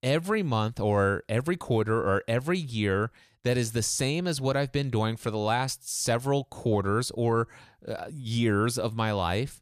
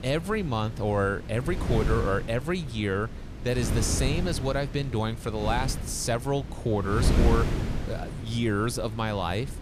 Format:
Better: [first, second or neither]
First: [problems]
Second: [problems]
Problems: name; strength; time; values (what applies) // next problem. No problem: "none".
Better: first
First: none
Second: wind noise on the microphone; heavy; 9 dB below the speech